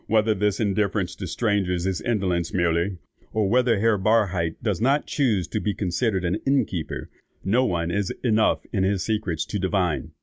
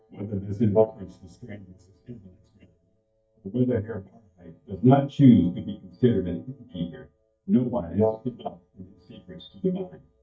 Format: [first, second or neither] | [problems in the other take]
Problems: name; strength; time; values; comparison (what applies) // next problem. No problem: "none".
first | noise reduction (neural mask model DeepFilterNet 3)